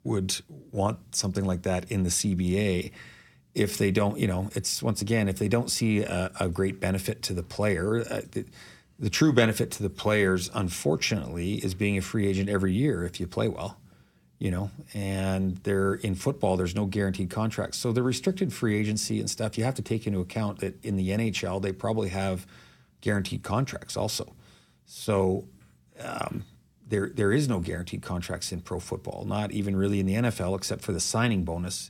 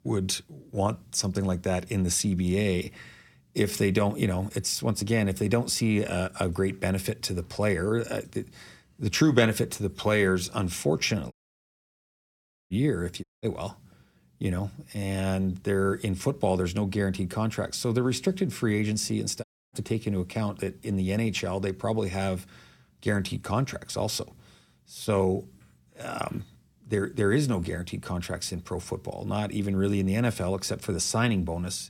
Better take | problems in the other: first | audio cutting out; at 11 s for 1.5 s, at 13 s and at 19 s

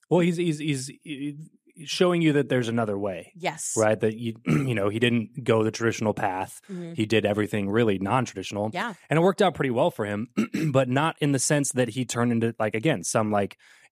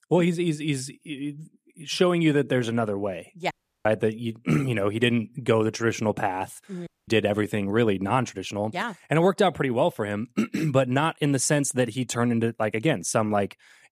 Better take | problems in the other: first | audio cutting out; at 3.5 s and at 7 s

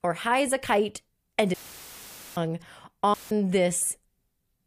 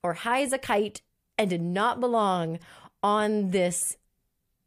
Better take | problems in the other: second | audio cutting out; filled with static; at 1.5 s for 1 s and at 3 s

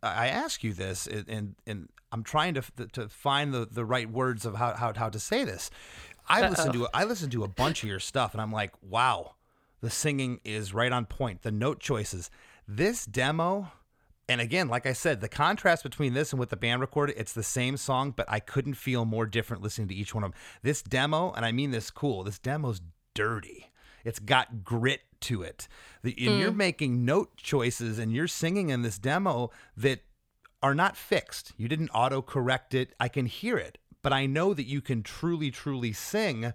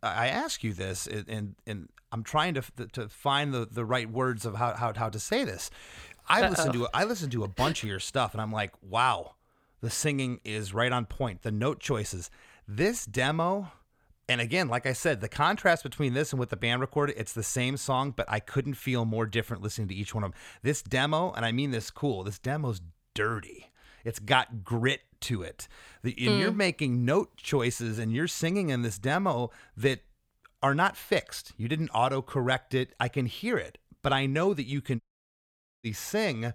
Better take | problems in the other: first | audio cutting out; at 35 s for 1 s

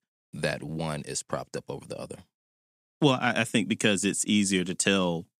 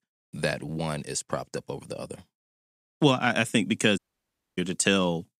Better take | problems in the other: first | audio cutting out; at 4 s for 0.5 s

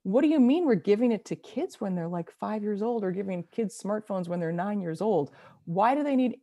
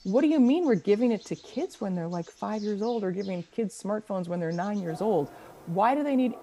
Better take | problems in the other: first | animal sounds; faint; throughout; 20 dB below the speech

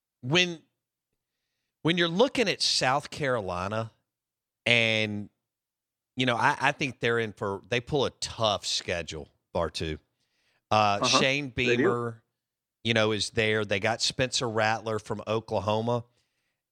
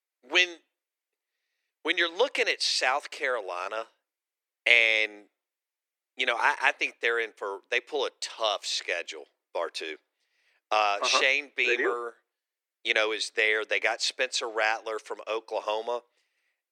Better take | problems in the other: first | thin; very; fading below 350 Hz

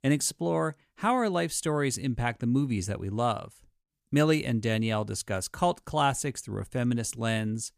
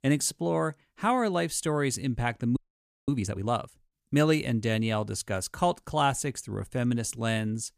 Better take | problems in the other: first | audio freezing; at 2.5 s for 0.5 s

